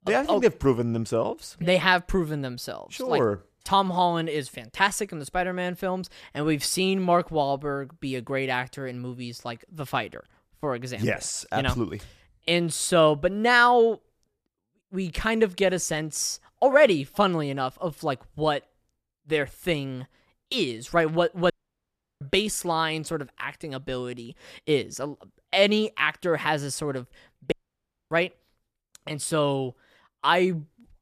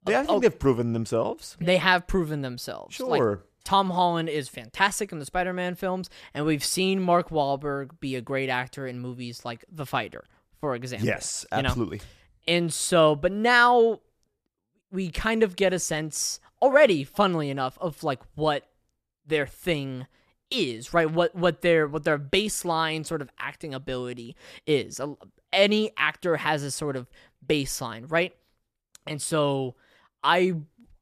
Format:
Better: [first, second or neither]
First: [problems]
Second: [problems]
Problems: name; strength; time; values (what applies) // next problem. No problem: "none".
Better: second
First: audio cutting out; at 22 s for 0.5 s and at 28 s for 0.5 s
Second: none